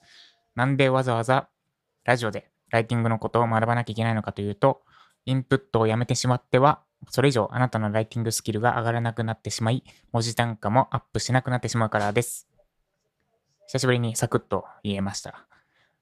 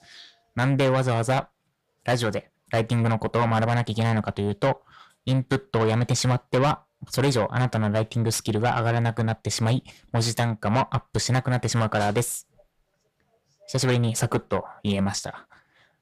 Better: first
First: none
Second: distortion; heavy; 7 dB below the speech

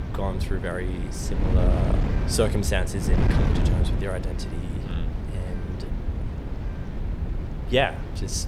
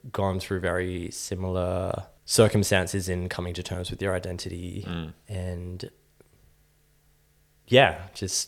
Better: second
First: wind noise on the microphone; heavy; 7 dB below the speech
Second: none

